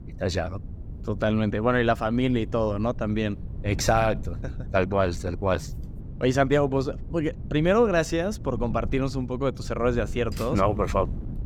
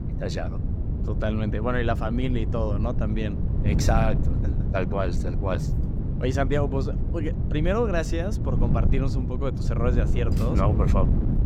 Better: first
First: wind noise on the microphone; occasional gusts; 20 dB below the speech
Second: wind noise on the microphone; heavy; 8 dB below the speech

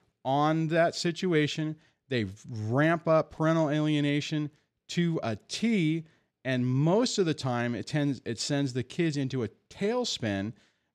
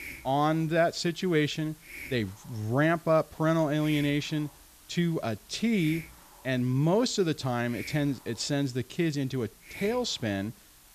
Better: first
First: none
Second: hiss; noticeable; throughout; 20 dB below the speech

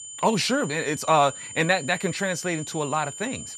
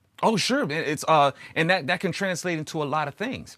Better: second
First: high-pitched whine; noticeable; throughout; 7 kHz, 10 dB below the speech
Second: none

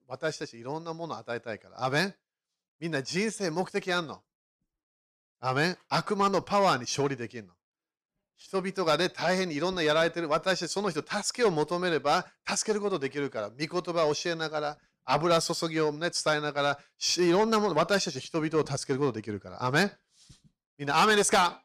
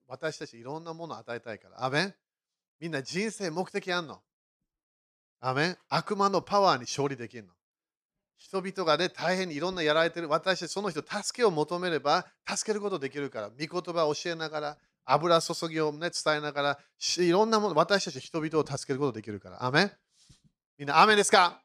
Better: second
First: distortion; slight; 10 dB below the speech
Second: none

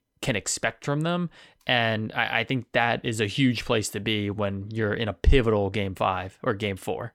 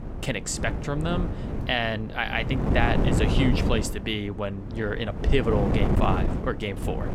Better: first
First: none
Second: wind noise on the microphone; heavy; 5 dB below the speech

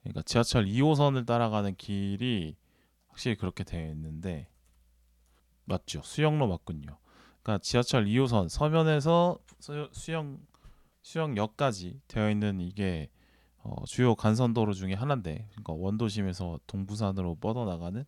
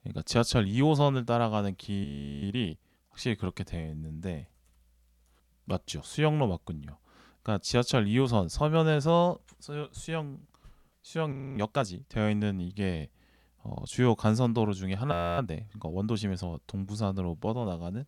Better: first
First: none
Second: audio freezing; at 2 s, at 11 s and at 15 s

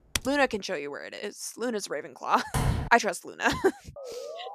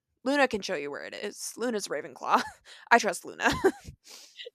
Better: second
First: keyboard typing; noticeable; at the start; peak 5 dB below the speech // door banging; noticeable; at 2.5 s; peak 1 dB below the speech // siren; faint; at 4 s; peak 10 dB below the speech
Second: none

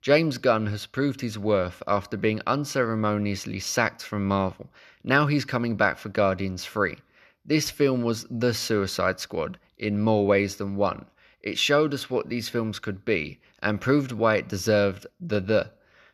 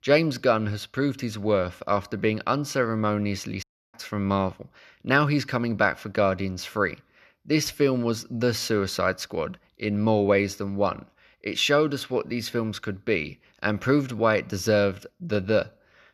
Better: first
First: none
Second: audio cutting out; at 3.5 s

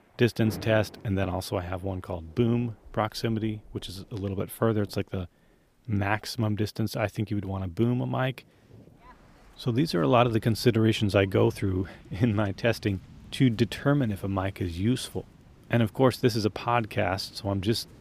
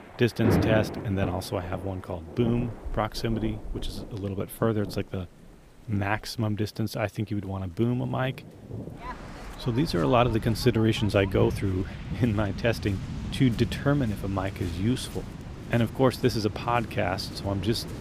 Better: first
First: rain or running water; faint; throughout; 25 dB below the speech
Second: rain or running water; loud; throughout; 8 dB below the speech

